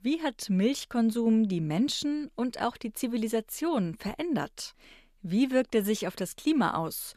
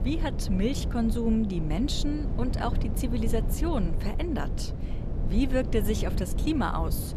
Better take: first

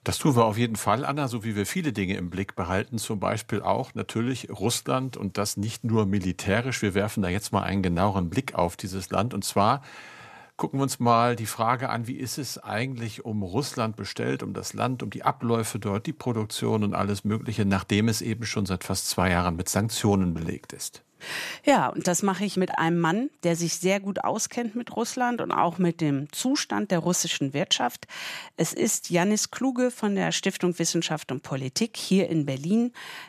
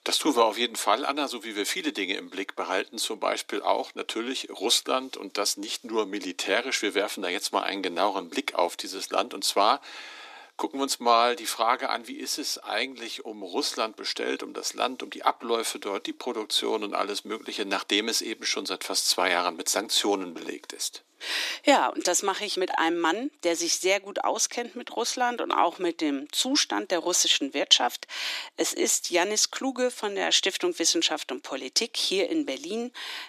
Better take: first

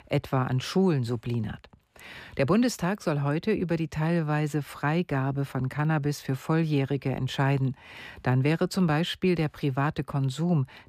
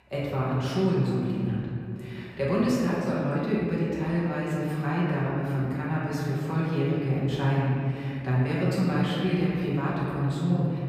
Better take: first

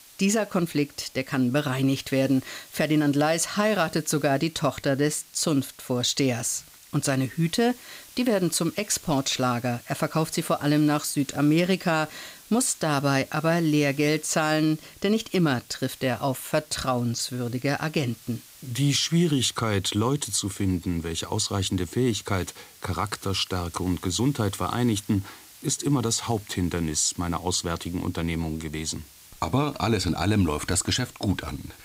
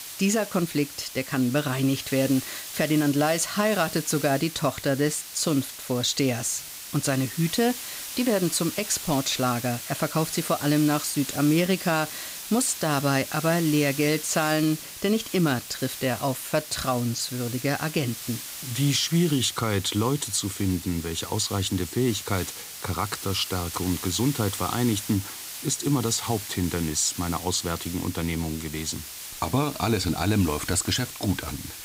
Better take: first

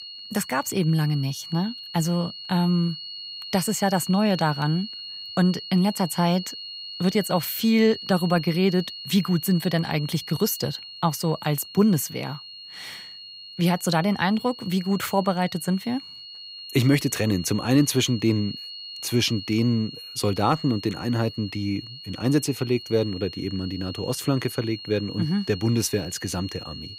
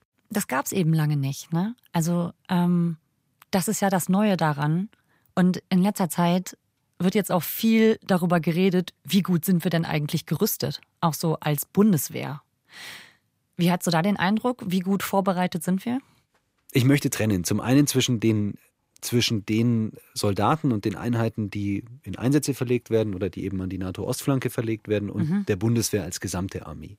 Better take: second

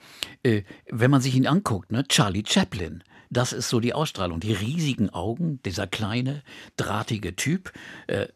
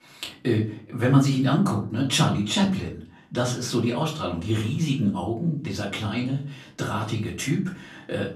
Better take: first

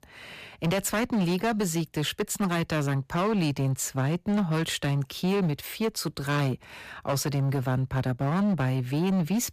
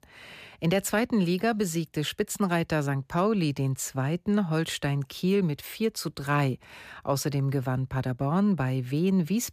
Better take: second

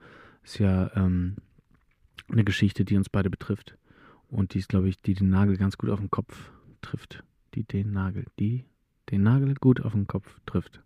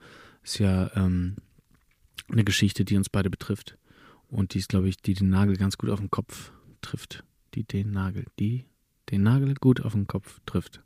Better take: second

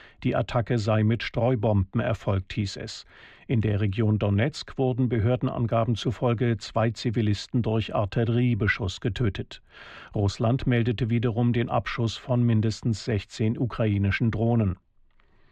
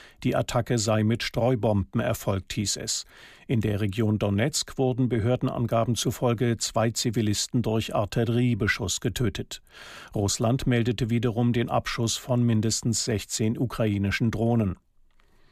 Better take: second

